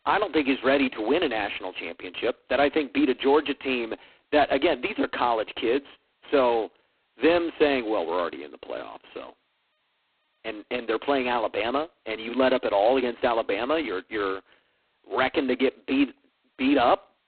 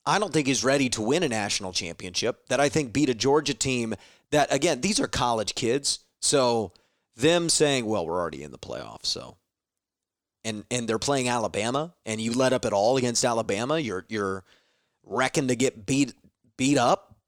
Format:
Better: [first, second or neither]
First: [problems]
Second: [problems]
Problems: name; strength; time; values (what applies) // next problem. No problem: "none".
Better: second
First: phone-call audio; poor line; nothing above 4 kHz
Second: none